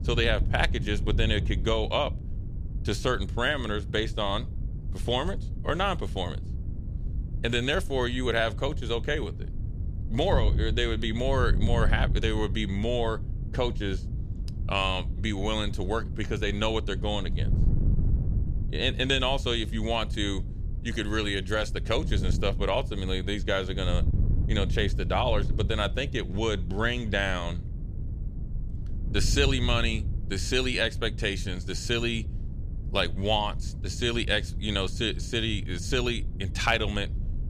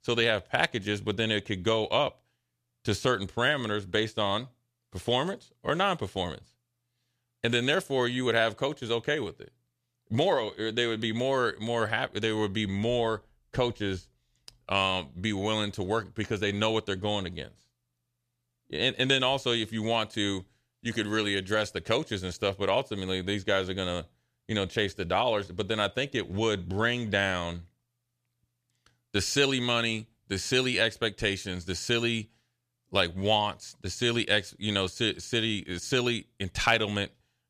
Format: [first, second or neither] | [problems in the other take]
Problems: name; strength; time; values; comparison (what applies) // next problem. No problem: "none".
second | wind noise on the microphone; occasional gusts; 20 dB below the speech